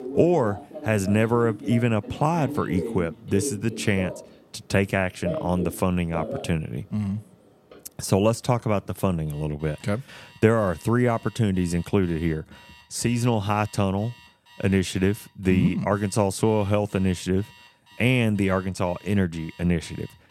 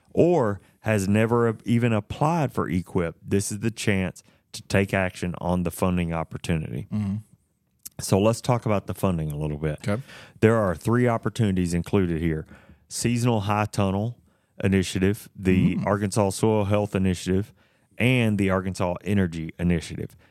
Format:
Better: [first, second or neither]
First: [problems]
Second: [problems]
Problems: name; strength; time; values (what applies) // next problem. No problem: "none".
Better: second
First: alarms or sirens; noticeable; throughout; 15 dB below the speech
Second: none